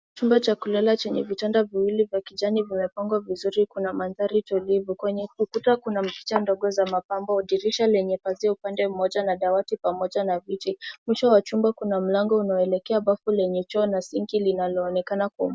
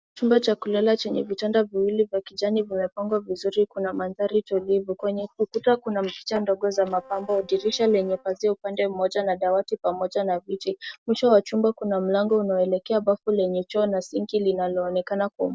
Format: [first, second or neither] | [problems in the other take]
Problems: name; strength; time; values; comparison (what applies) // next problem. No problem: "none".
first | noise reduction (neural separator model SepFormer DNS4)